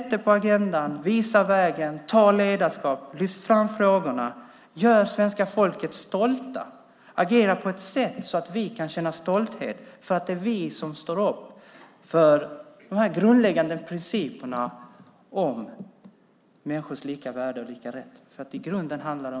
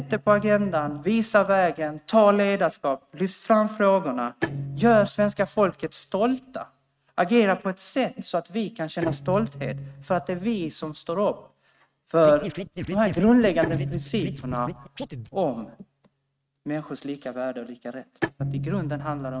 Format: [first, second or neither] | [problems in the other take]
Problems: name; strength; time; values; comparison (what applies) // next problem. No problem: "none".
first | noise reduction (neural mask model RNNoise)